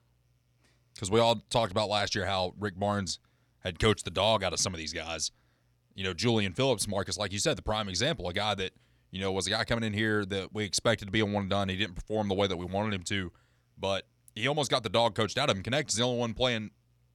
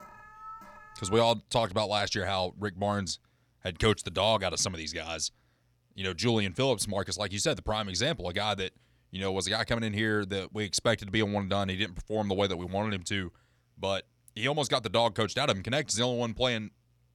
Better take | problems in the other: first | alarm; faint; until 1 s; peak 15 dB below the speech

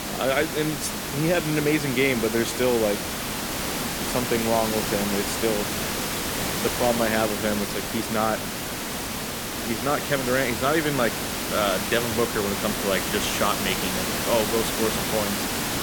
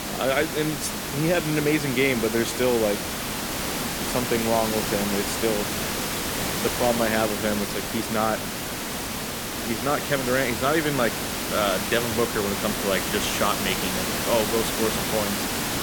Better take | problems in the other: neither | hiss; loud; throughout; 1 dB below the speech; the same in both

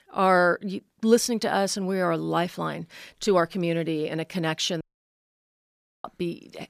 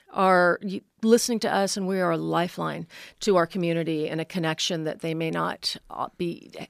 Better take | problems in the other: second | audio cutting out; at 5 s for 1 s

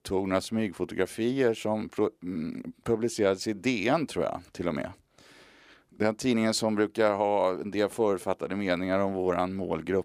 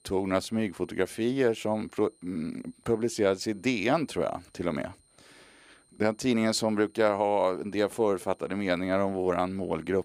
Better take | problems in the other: first | high-pitched whine; faint; throughout; 9 kHz, 35 dB below the speech

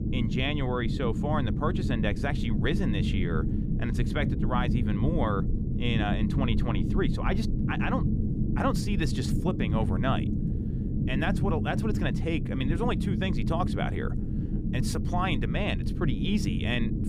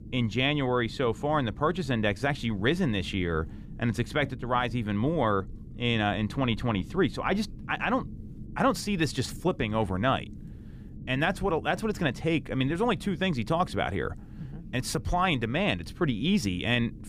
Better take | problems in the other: second | low rumble; loud; throughout; 6 dB below the speech; faint in the second

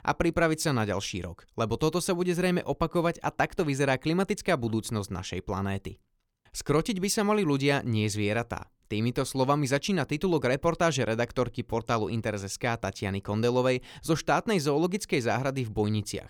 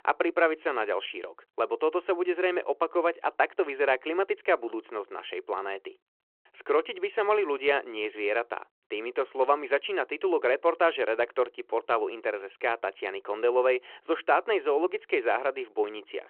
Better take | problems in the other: first | phone-call audio

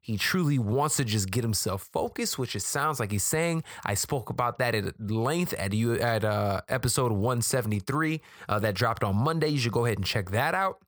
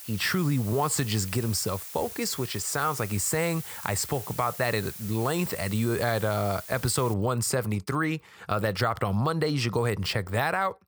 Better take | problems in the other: first | hiss; noticeable; until 7 s; 10 dB below the speech

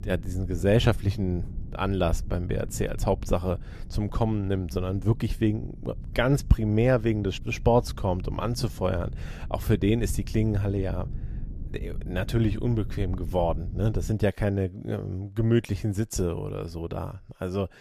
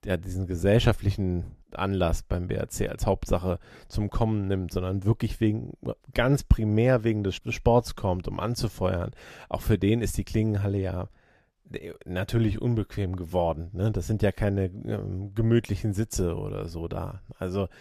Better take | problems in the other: second | low rumble; faint; until 14 s; 20 dB below the speech

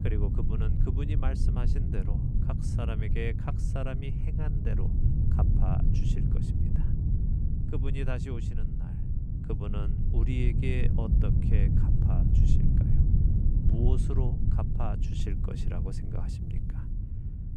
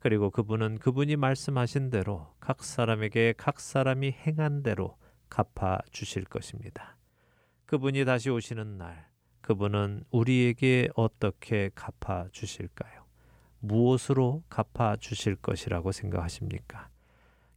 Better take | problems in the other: second | low rumble; loud; throughout; as loud as the speech

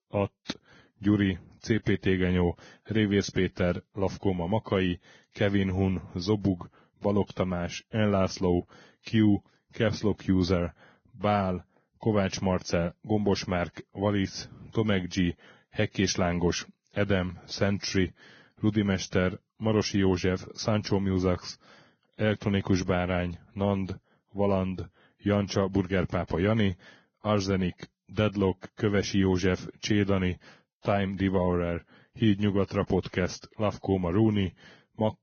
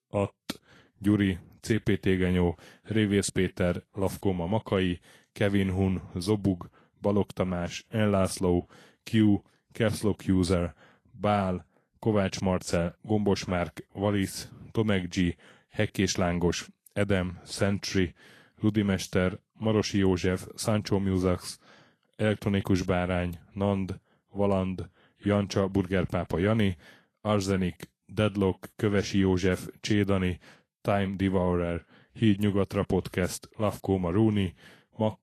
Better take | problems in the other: second | garbled, watery; badly; nothing above 6.5 kHz; slightly in the second

